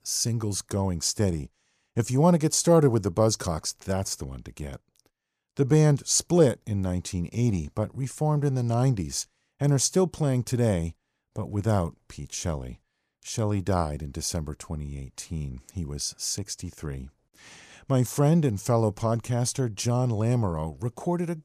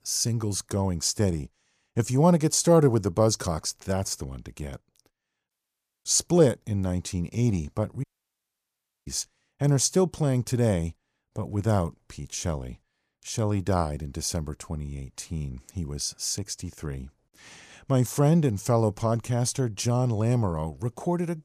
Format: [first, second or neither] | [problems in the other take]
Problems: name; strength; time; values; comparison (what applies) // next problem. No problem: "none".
first | audio cutting out; at 5.5 s for 0.5 s and at 8 s for 1 s